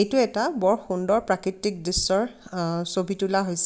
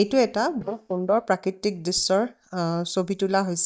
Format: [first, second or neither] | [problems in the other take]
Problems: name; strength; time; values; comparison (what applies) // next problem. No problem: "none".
first | noise reduction (neural mask model DeepFilterNet 3)